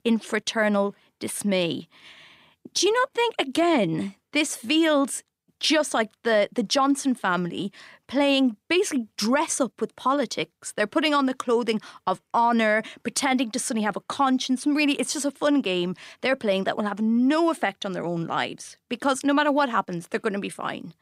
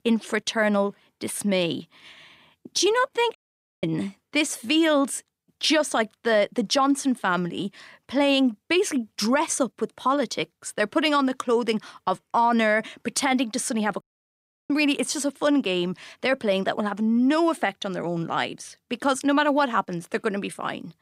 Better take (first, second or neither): first